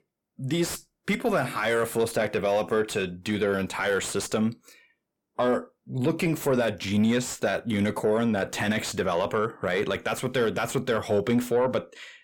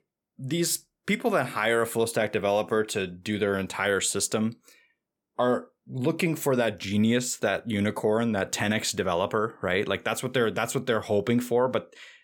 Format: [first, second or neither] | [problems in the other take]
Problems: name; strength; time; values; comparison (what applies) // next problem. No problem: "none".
second | distortion; slight; 10 dB below the speech